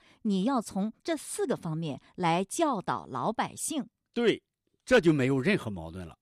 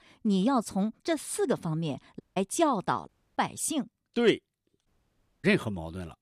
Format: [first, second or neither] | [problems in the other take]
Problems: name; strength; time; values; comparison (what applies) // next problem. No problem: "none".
first | audio cutting out; at 2 s, at 3 s and at 5 s for 0.5 s